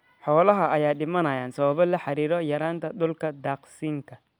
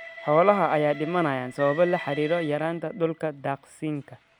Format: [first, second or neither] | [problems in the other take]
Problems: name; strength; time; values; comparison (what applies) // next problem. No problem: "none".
first | background sound (Train); 15 dB below the speech